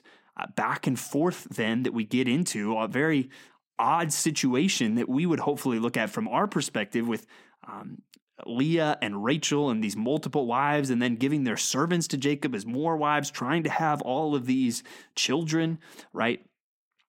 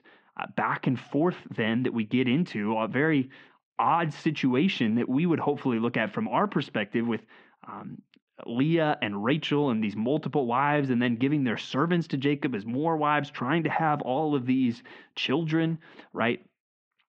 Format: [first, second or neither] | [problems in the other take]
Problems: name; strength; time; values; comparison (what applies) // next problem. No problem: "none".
first | muffled; very; fading above 3.5 kHz